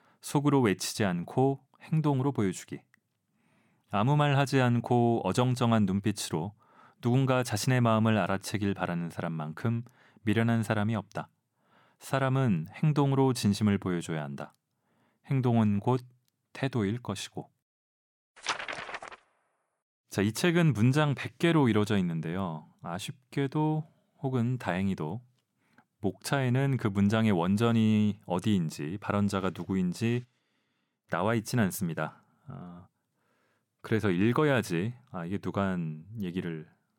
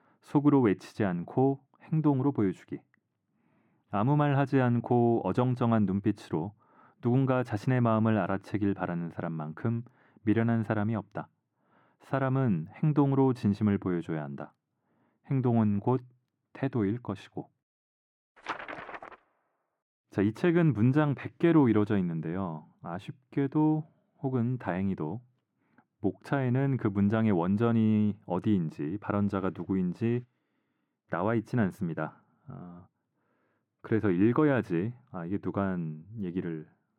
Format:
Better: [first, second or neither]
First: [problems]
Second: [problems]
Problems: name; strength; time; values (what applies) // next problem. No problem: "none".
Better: first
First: none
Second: muffled; very; fading above 3.5 kHz